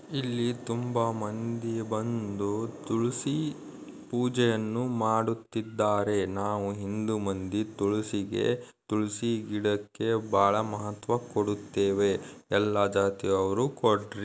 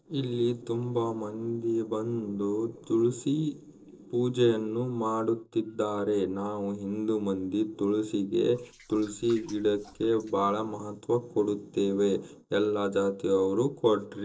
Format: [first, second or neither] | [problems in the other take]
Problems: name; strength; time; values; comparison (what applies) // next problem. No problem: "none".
first | noise reduction (neural separator model SepFormer DNS4)